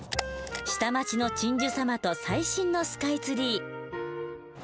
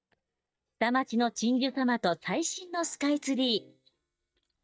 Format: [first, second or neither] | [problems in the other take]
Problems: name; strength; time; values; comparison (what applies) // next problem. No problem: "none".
first | noise reduction (neural mask model DeepFilterNet 3)